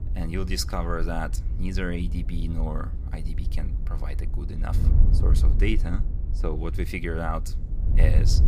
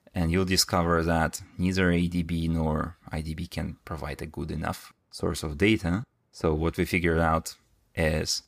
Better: second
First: wind noise on the microphone; occasional gusts; 10 dB below the speech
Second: none

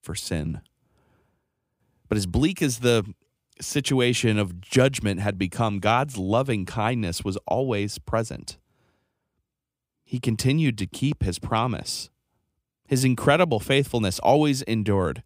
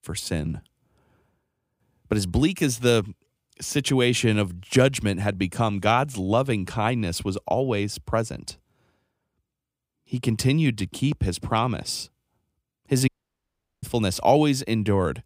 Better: first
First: none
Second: audio cutting out; at 13 s for 0.5 s

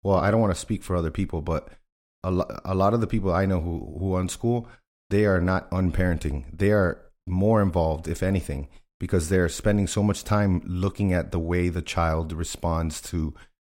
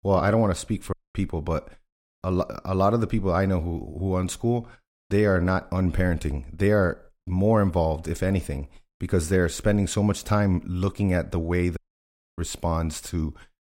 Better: first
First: none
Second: audio cutting out; at 1 s and at 12 s for 0.5 s

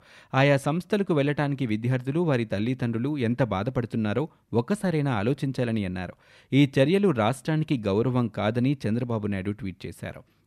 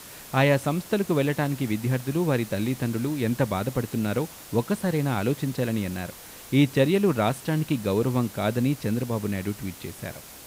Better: first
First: none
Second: hiss; noticeable; throughout; 15 dB below the speech

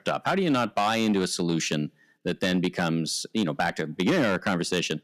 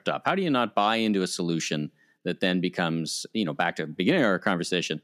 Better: second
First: distortion; slight; 6% of the sound clipped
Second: none

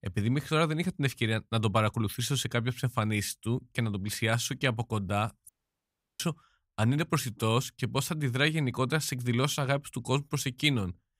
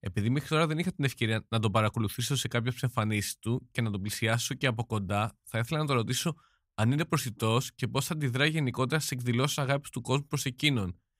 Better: second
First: audio cutting out; at 5.5 s for 0.5 s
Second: none

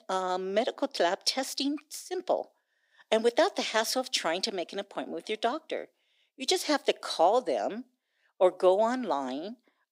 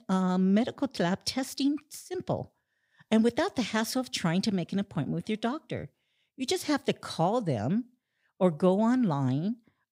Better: second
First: thin; very; fading below 300 Hz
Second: none

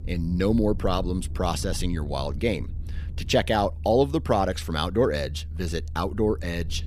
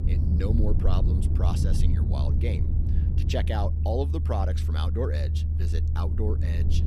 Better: first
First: low rumble; faint; throughout; 25 dB below the speech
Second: low rumble; loud; throughout; 5 dB below the speech

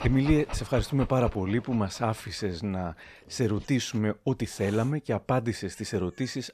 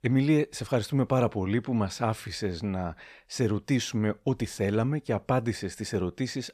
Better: second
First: animal sounds; noticeable; throughout; 10 dB below the speech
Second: none

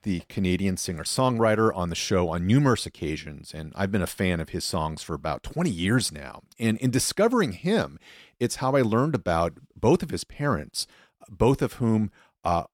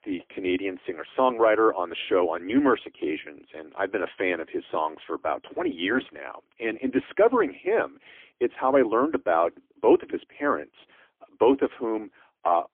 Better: first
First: none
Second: phone-call audio; poor line; nothing above 3.5 kHz

